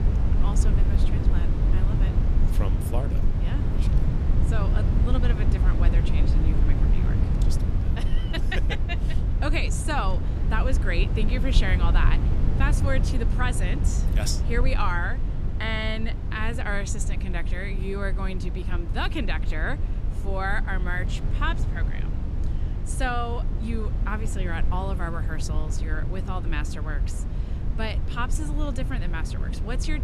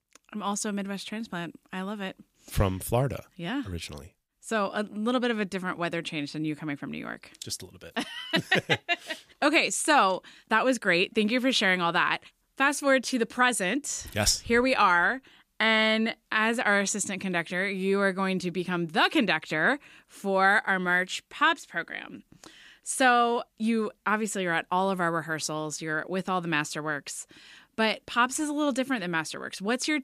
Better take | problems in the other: second | low rumble; loud; throughout; 8 dB below the speech

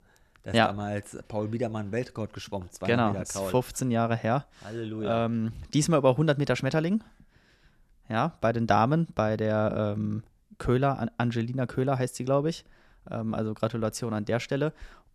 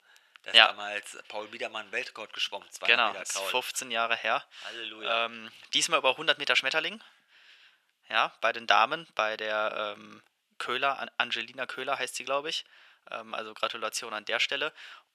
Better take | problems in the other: first | thin; very; fading below 750 Hz

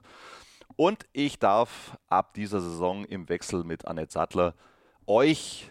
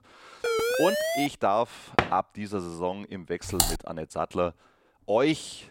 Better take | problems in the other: first | siren; loud; at 0.5 s; peak 4 dB above the speech // door banging; loud; at 2 s; peak 2 dB above the speech // keyboard typing; loud; at 3.5 s; peak 4 dB above the speech

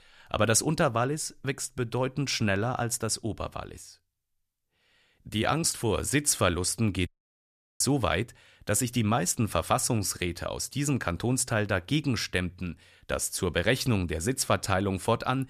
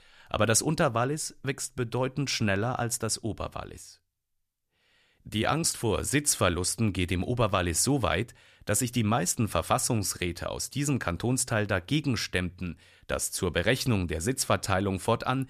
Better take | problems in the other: second | audio cutting out; at 7 s for 0.5 s

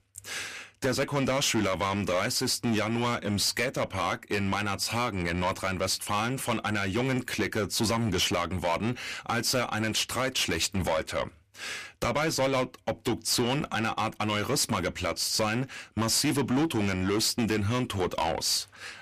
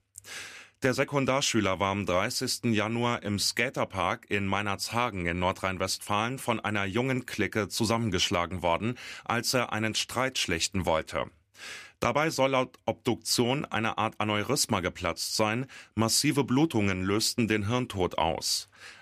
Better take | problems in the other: second | distortion; heavy; 7 dB below the speech

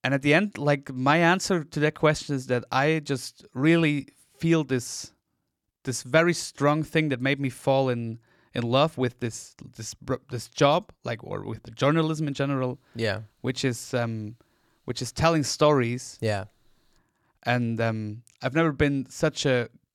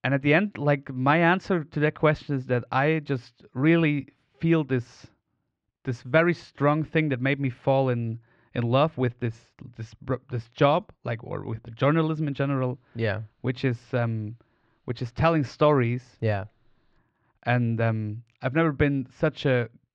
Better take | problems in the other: first | muffled; slightly; fading above 3 kHz

